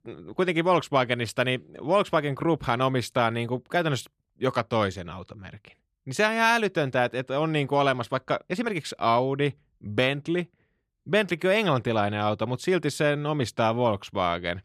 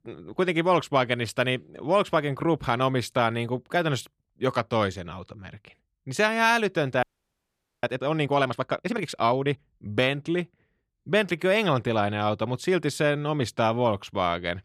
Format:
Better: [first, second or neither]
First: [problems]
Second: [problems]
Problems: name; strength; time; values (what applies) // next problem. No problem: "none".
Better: first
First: none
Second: audio freezing; at 7 s for 1 s